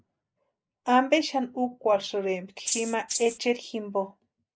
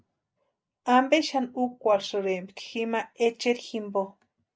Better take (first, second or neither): second